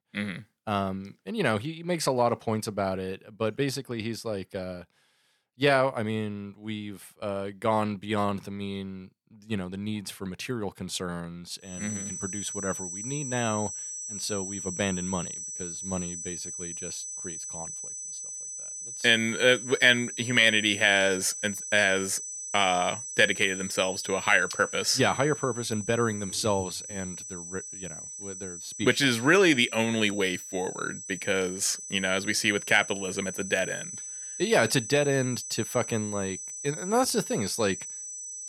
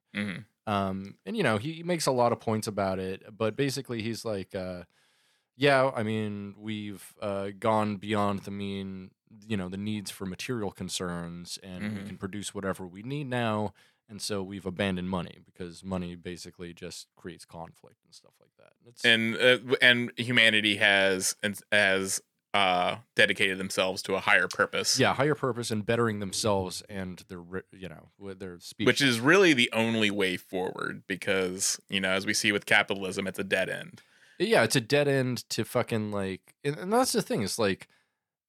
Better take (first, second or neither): second